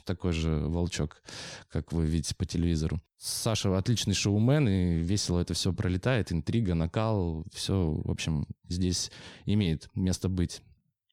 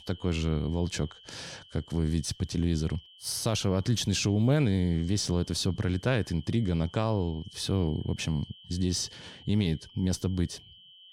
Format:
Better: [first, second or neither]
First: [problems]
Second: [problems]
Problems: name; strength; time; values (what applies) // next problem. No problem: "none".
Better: first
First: none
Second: high-pitched whine; faint; throughout; 3 kHz, 20 dB below the speech